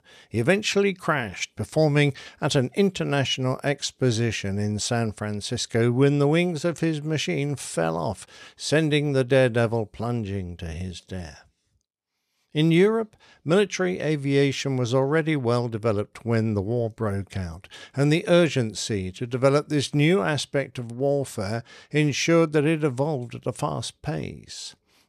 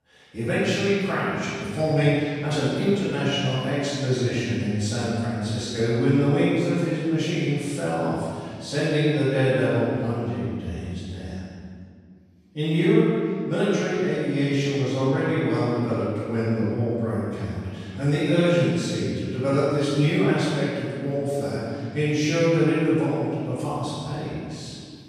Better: first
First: none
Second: off-mic speech; far // room echo; strong; dies away in 2 s

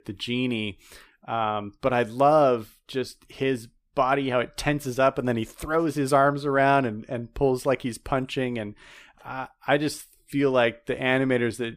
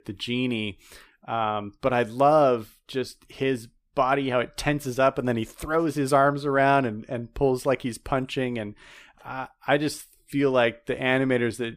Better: neither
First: none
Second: none

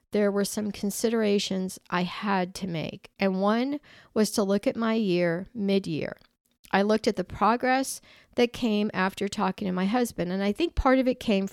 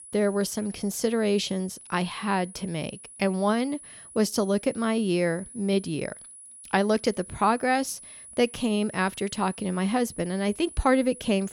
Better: first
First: none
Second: high-pitched whine; noticeable; throughout; 10 kHz, 15 dB below the speech

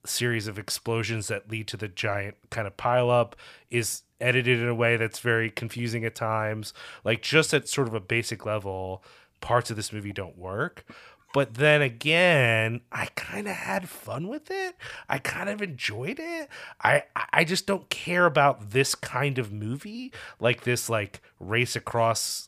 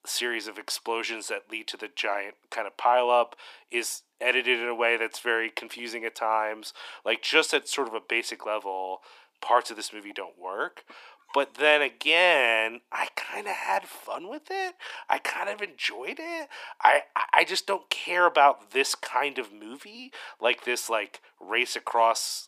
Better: first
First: none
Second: thin; very; fading below 300 Hz

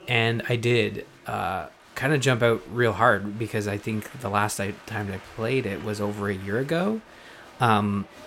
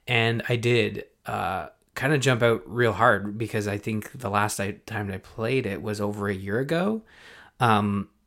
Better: second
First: crowd noise; faint; throughout; 20 dB below the speech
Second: none

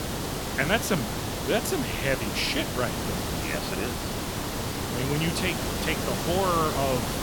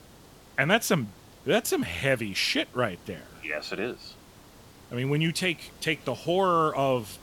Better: second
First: hiss; loud; throughout; 1 dB below the speech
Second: hiss; faint; throughout; 25 dB below the speech

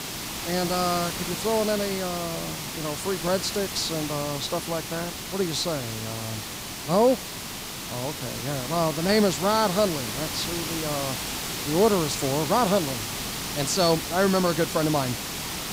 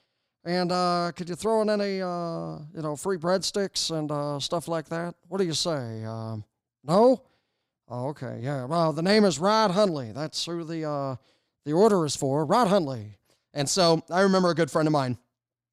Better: second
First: hiss; loud; throughout; 4 dB below the speech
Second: none

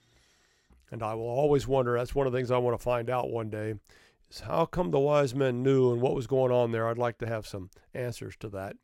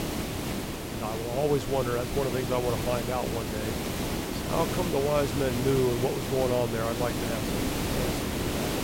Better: first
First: none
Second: hiss; loud; throughout; 2 dB below the speech

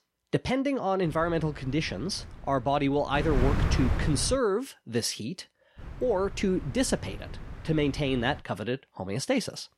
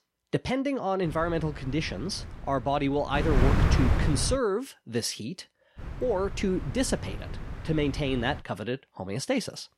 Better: first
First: wind noise on the microphone; occasional gusts; from 1 to 4.5 s and from 6 to 8.5 s; 10 dB below the speech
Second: wind noise on the microphone; heavy; from 1 to 4.5 s and from 6 to 8.5 s; 8 dB below the speech

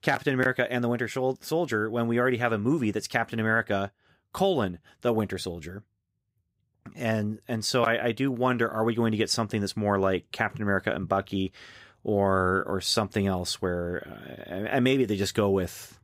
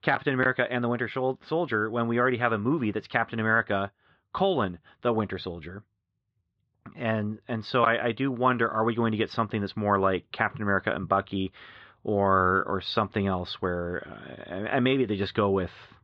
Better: first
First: none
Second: muffled; slightly; fading above 4 kHz

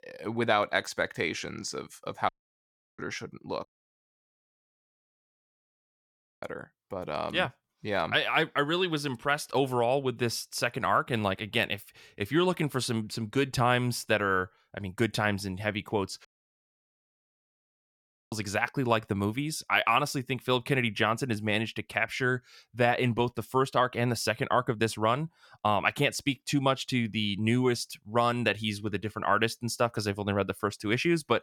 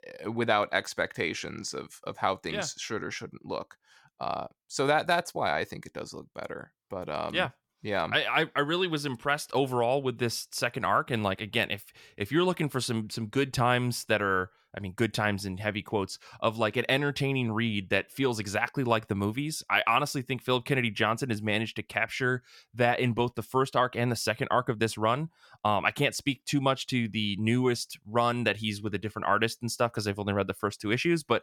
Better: second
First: audio cutting out; at 2.5 s for 0.5 s, at 3.5 s for 3 s and at 16 s for 2 s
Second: none

